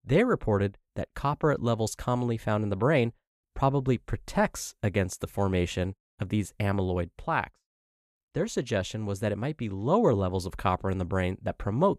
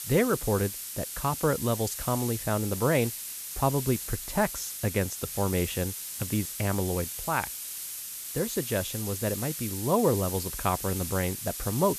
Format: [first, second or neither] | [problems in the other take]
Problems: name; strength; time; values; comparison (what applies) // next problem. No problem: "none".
first | hiss; loud; throughout; 5 dB below the speech